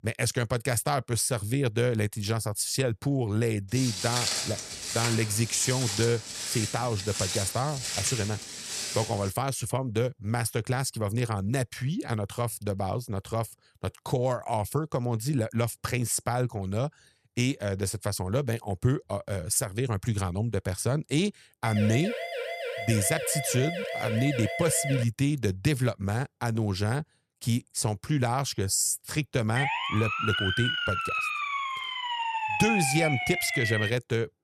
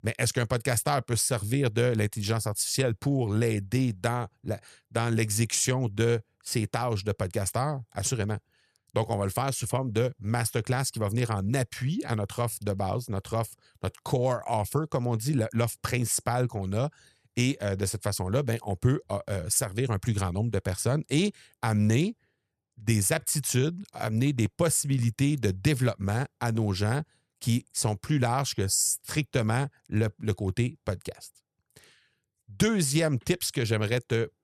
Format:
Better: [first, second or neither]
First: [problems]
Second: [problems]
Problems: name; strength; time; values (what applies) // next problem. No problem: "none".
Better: second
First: footsteps; loud; from 3.5 to 9.5 s; peak 2 dB above the speech // siren; noticeable; from 22 to 25 s; peak 4 dB below the speech // siren; loud; from 30 to 34 s; peak 2 dB above the speech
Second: none